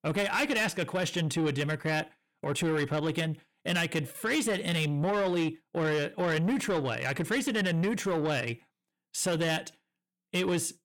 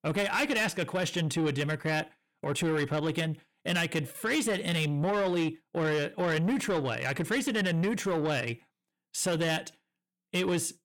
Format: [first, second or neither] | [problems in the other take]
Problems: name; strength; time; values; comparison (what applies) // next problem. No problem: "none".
neither | distortion; slight; 10 dB below the speech; the same in both